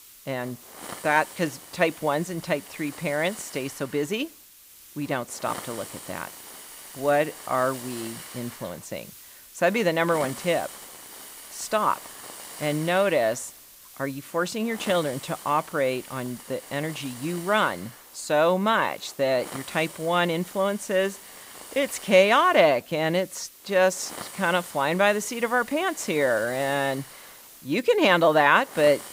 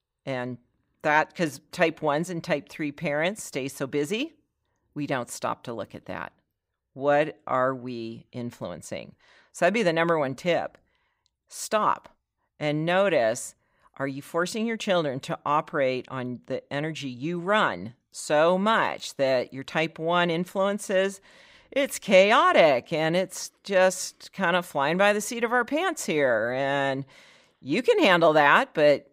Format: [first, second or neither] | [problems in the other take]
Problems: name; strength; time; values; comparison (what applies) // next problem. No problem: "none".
second | hiss; noticeable; throughout; 15 dB below the speech